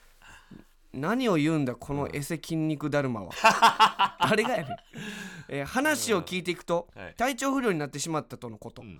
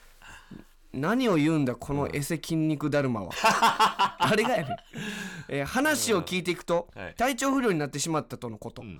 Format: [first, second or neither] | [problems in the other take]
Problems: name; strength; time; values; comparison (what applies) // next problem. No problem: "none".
first | distortion; slight; 10 dB below the speech